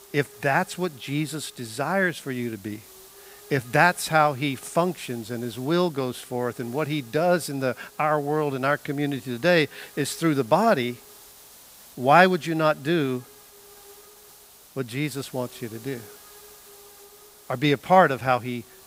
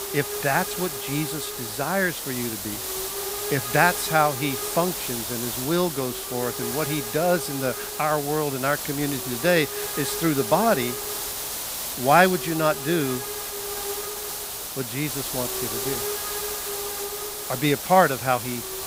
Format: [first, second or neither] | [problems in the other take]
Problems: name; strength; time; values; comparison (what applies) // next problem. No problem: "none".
first | hiss; loud; throughout; 4 dB below the speech; faint in the first